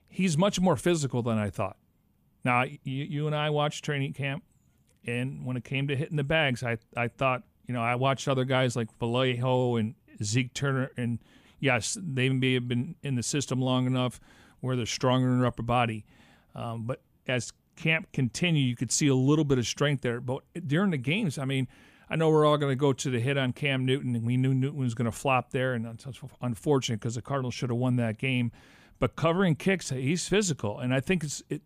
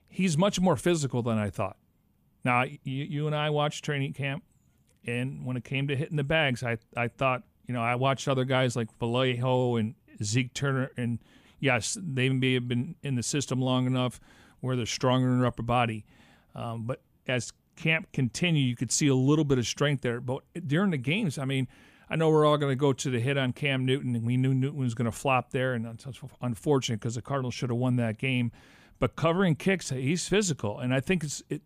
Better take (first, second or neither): neither